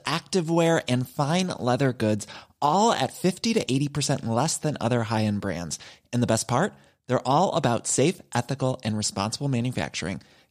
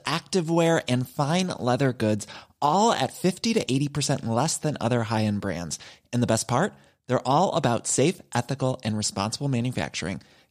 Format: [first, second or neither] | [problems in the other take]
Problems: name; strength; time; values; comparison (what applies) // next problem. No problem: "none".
neither | none